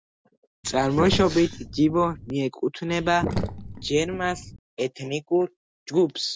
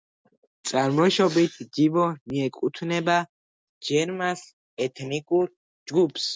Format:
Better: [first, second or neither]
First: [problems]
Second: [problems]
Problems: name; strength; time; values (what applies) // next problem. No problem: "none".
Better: second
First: background sound (Sink (filling or washing)); 7 dB below the speech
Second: none